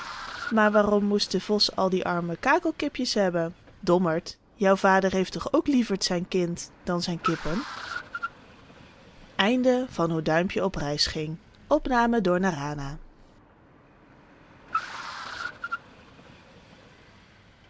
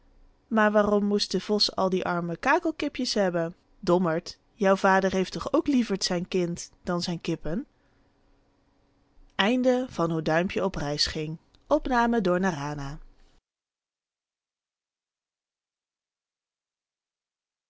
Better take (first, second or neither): second